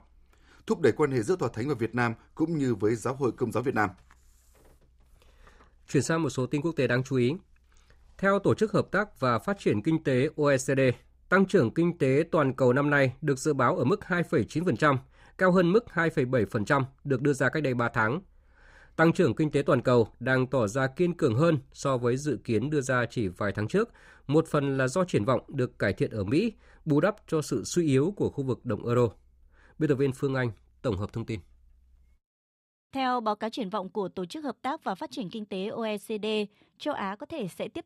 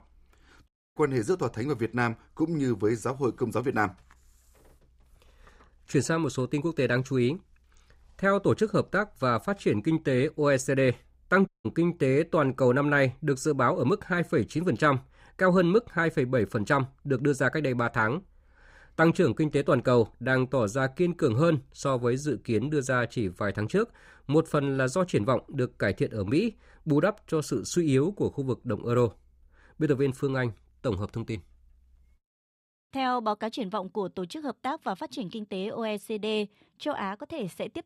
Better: first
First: none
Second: audio cutting out; at 0.5 s and at 11 s

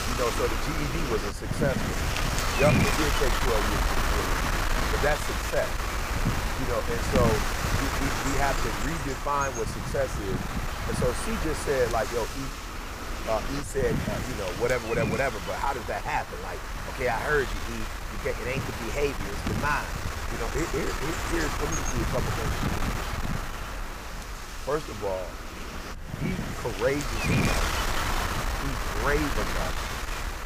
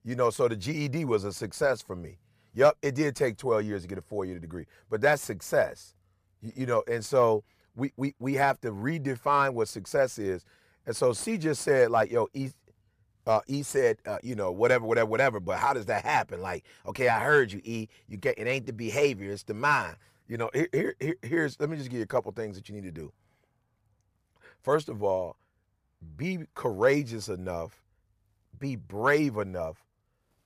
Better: second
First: wind noise on the microphone; heavy; as loud as the speech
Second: none

